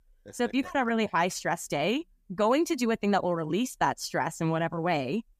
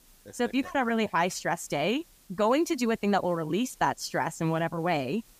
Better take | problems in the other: first | hiss; faint; throughout; 30 dB below the speech

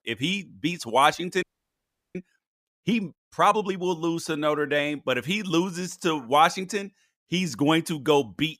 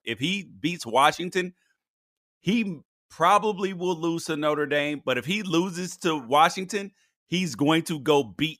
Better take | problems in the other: second | audio freezing; at 1.5 s for 0.5 s

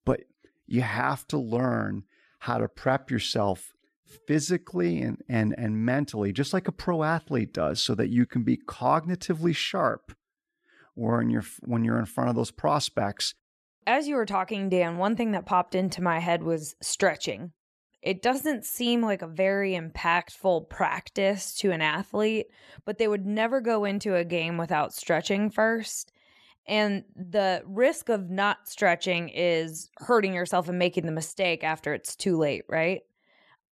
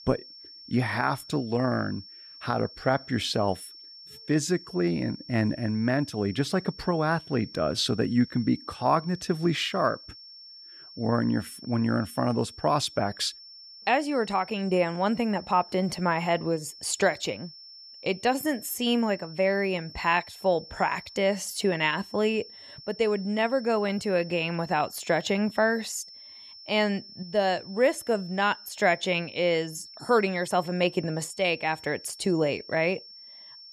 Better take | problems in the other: first | high-pitched whine; noticeable; throughout; 5.5 kHz, 15 dB below the speech

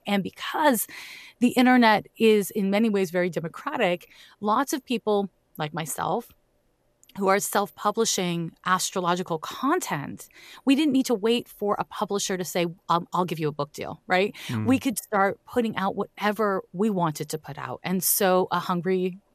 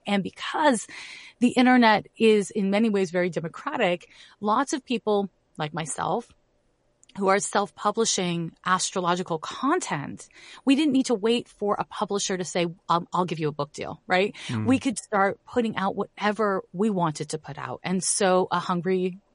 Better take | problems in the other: first | garbled, watery; slightly; nothing above 10.5 kHz

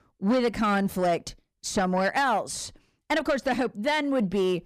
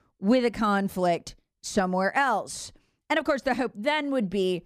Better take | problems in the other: second | distortion; slight; 10 dB below the speech

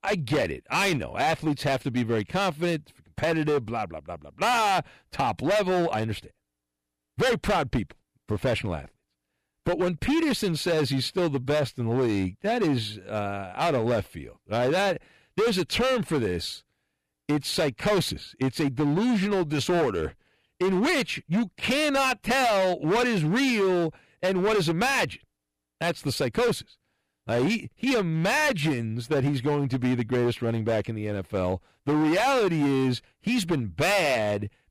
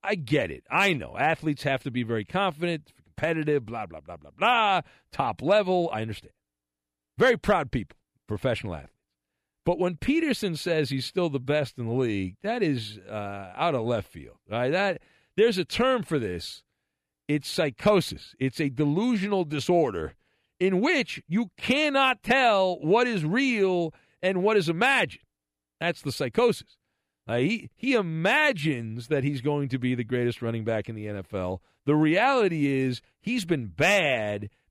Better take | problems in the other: second | distortion; heavy; 16% of the sound clipped

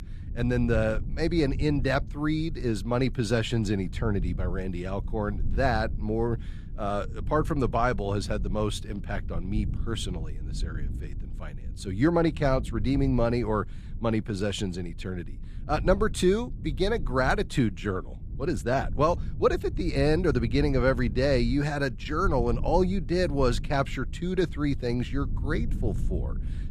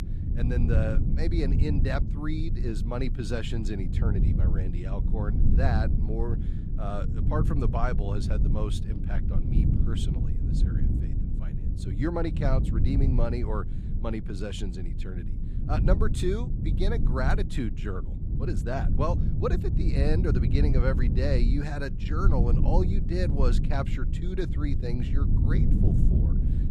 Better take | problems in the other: first | low rumble; loud; throughout; 6 dB below the speech; faint in the first

